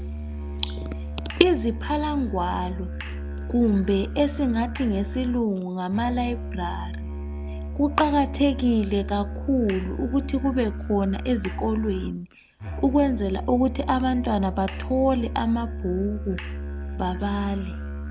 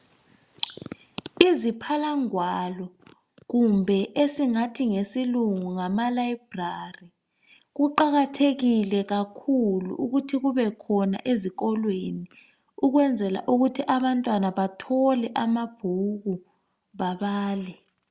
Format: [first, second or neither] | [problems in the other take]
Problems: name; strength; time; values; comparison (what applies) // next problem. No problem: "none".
second | background sound (Musical instrument); 6 dB below the speech